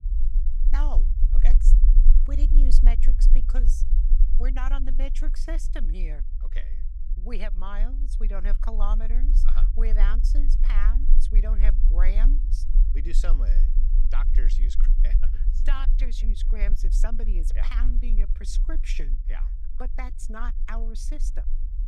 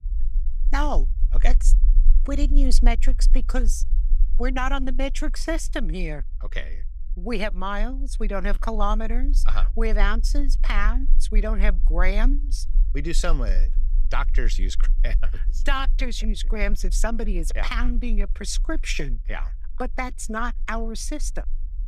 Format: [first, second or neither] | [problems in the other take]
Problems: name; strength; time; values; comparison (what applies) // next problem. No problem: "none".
second | low rumble; loud; throughout; 10 dB below the speech; faint in the second